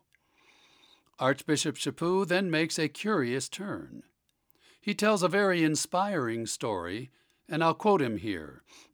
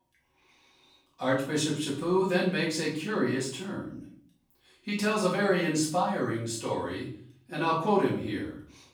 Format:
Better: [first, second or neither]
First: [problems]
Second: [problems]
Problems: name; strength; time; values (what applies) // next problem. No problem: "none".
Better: first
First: none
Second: off-mic speech; far // room echo; noticeable; dies away in 0.5 s